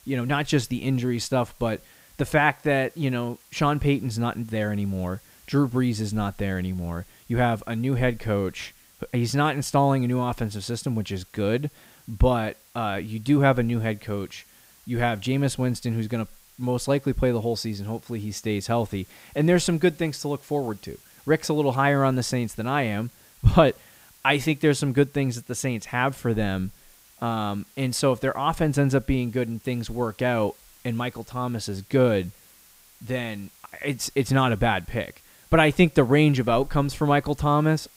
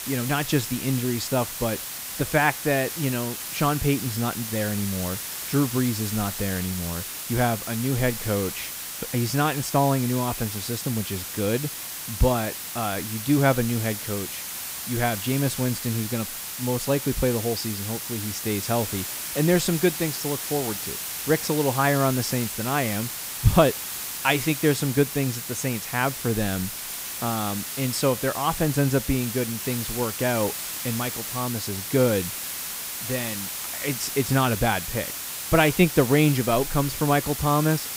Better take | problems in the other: first | hiss; loud; throughout; 5 dB below the speech; faint in the first

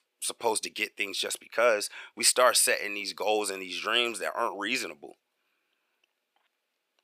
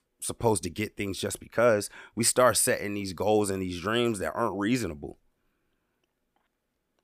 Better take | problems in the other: second | thin; somewhat; fading below 500 Hz

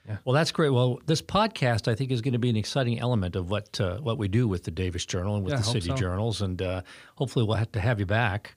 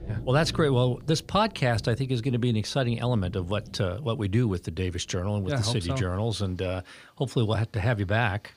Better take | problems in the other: first | rain or running water; noticeable; throughout; 15 dB below the speech

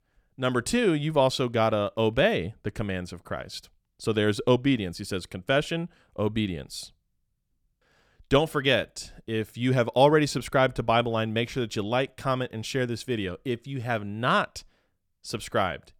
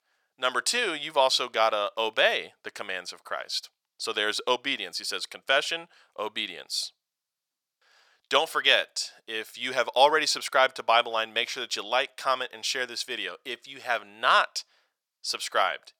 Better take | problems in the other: first | thin; very; fading below 850 Hz

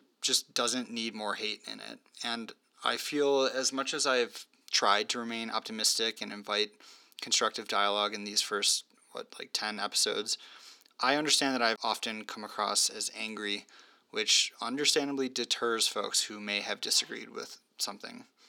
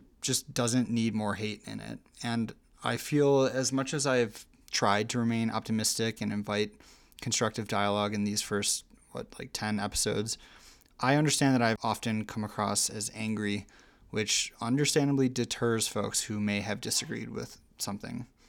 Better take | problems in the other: second | thin; somewhat; fading below 300 Hz

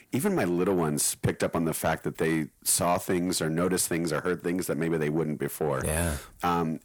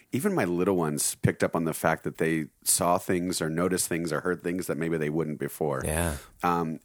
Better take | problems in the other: second | distortion; slight; 10 dB below the speech

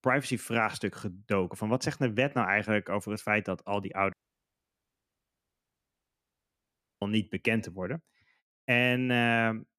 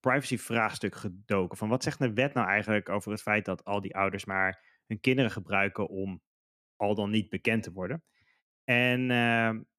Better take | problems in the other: second | audio cutting out; at 4 s for 3 s

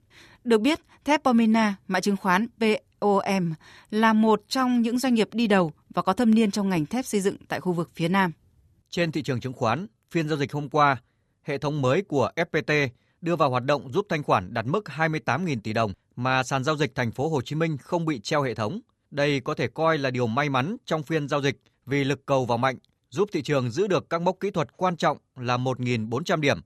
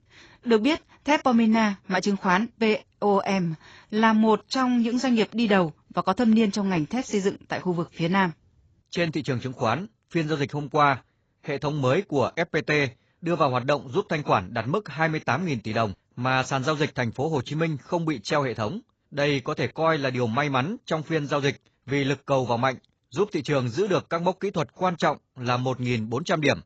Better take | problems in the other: first | garbled, watery; badly; nothing above 7.5 kHz

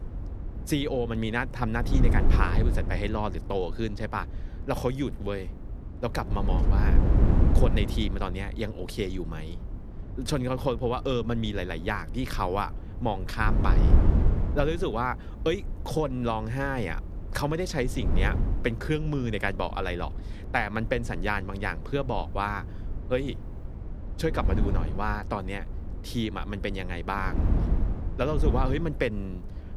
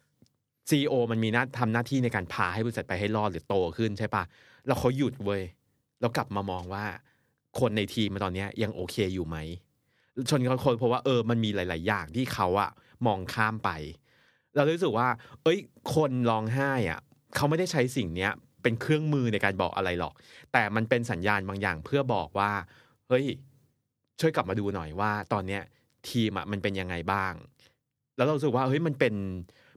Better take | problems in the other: second | wind noise on the microphone; occasional gusts; 10 dB below the speech

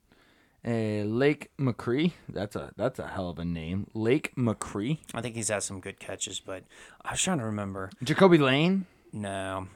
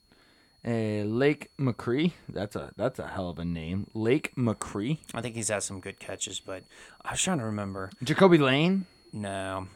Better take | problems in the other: first | high-pitched whine; faint; throughout; 4.5 kHz, 35 dB below the speech

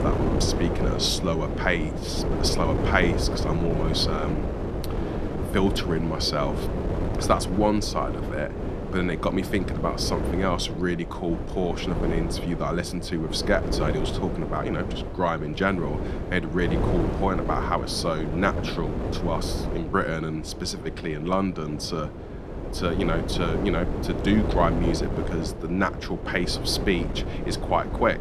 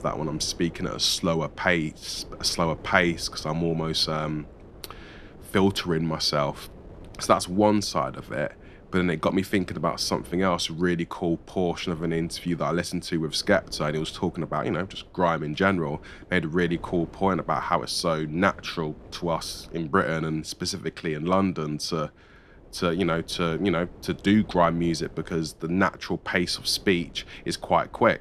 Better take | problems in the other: second | wind noise on the microphone; heavy; 6 dB below the speech; occasional gusts in the second

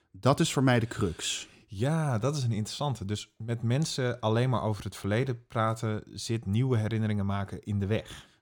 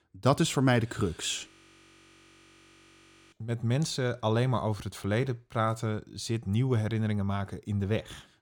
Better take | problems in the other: first | audio freezing; at 1.5 s for 2 s

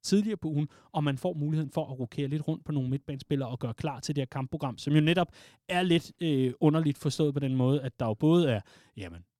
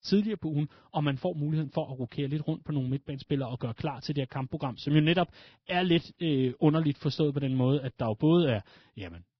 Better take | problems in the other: first | garbled, watery; badly; nothing above 5.5 kHz

